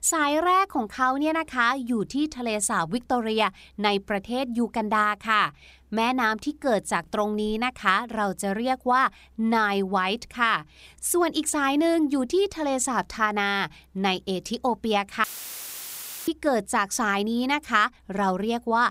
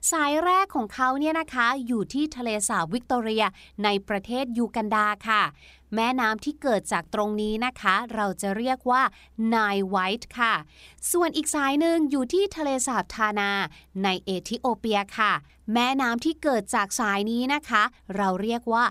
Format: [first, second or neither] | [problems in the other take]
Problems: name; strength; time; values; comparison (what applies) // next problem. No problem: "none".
second | audio cutting out; filled with static; at 15 s for 1 s